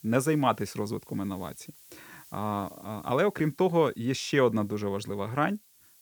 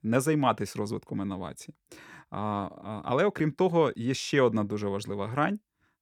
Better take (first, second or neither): second